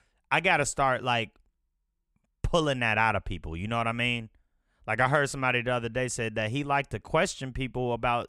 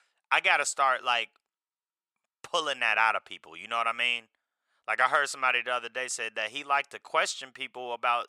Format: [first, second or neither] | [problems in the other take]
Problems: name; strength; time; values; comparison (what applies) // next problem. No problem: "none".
first | thin; very; fading below 700 Hz